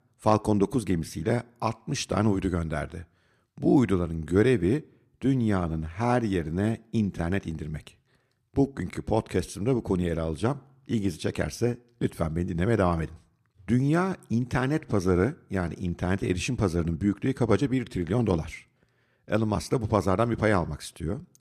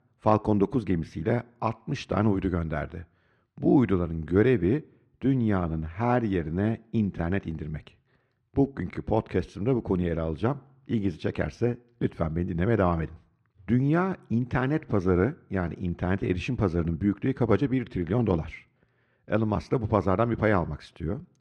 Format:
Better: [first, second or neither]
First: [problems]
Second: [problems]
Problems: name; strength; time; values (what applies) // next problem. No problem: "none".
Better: first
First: none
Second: muffled; slightly; fading above 3 kHz